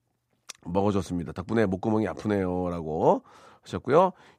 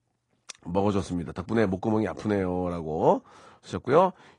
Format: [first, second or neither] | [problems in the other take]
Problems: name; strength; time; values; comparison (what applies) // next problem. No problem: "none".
first | garbled, watery; slightly